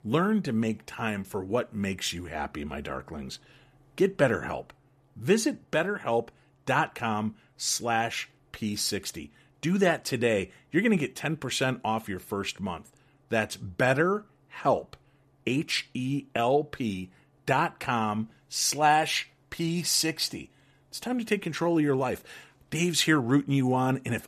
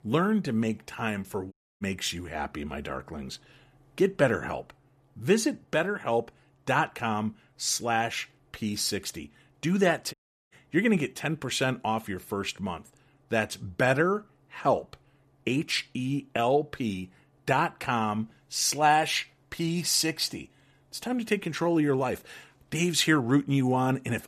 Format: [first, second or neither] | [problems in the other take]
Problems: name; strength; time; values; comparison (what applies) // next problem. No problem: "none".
first | audio cutting out; at 1.5 s and at 10 s